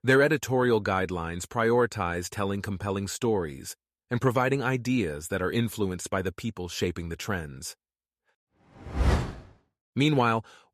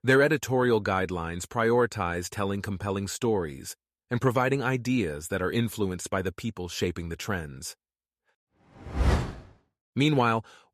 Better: neither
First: none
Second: none

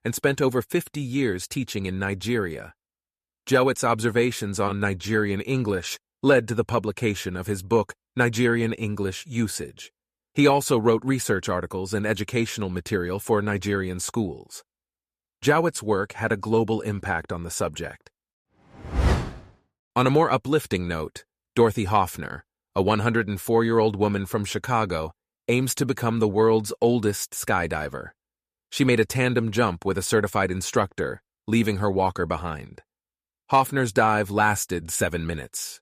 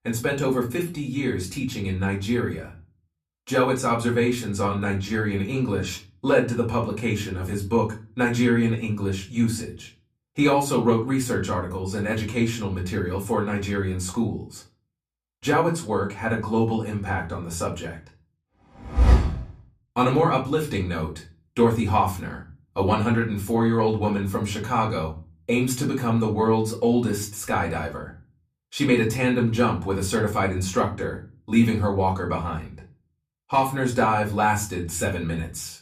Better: first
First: none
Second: off-mic speech; far // room echo; very slight; dies away in 0.3 s

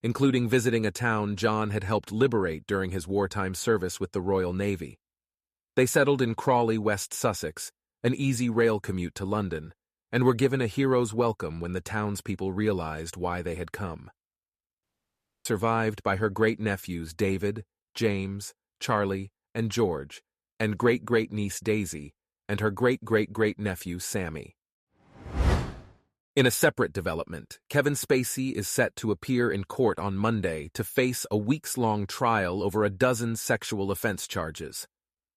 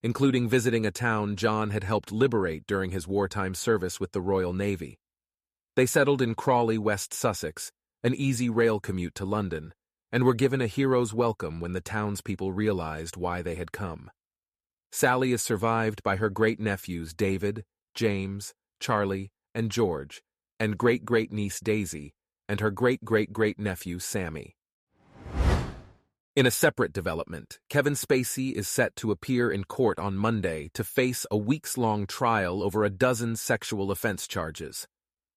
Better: second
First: audio cutting out; at 15 s for 0.5 s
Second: none

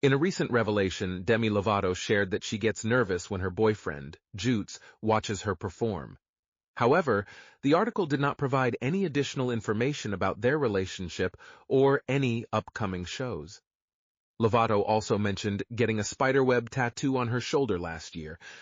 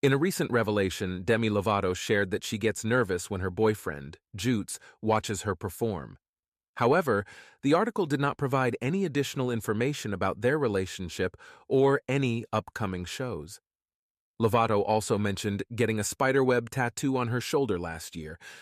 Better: second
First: garbled, watery; slightly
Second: none

